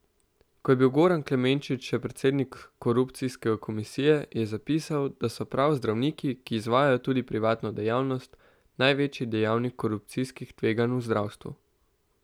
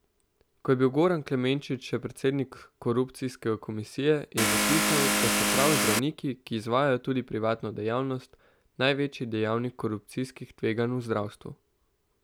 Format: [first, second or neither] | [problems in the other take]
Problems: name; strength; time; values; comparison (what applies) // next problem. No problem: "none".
first | background sound (Vehicle); 4 dB above the speech